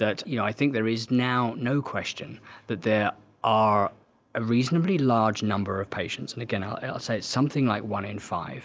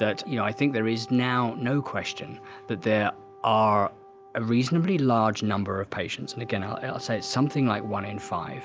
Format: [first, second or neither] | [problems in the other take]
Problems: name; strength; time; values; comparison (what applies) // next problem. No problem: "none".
first | background sound (Wind instrument, woodwind instrument); 18 dB below the speech